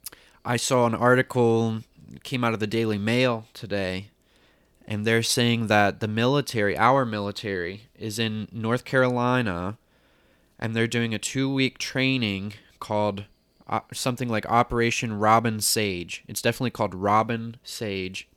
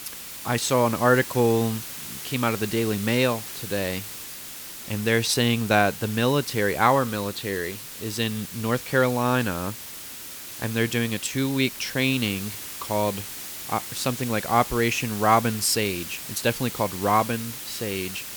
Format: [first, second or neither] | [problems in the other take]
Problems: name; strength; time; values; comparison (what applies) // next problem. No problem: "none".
first | hiss; loud; throughout; 10 dB below the speech